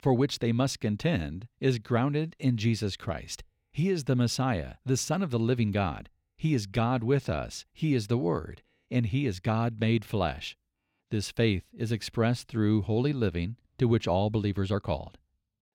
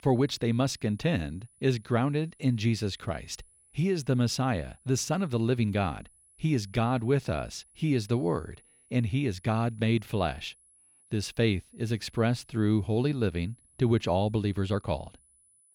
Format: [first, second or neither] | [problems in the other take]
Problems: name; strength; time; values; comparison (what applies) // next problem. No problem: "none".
first | high-pitched whine; faint; throughout; 10 kHz, 30 dB below the speech